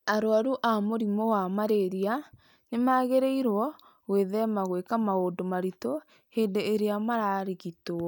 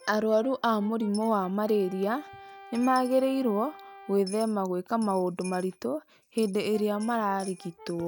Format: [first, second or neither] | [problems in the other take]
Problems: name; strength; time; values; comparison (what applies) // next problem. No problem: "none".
first | background sound (Coin (dropping) + Brass instrument); 20 dB below the speech